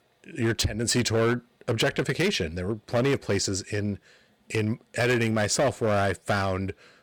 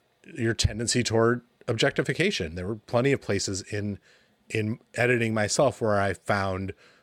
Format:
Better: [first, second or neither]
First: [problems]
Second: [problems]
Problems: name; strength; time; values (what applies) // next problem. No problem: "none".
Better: second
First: distortion; slight; 8% of the sound clipped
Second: none